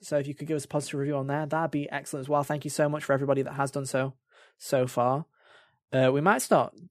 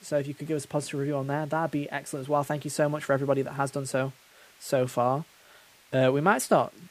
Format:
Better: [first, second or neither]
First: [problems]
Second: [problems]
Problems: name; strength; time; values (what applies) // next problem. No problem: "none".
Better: first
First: none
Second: hiss; faint; throughout; 25 dB below the speech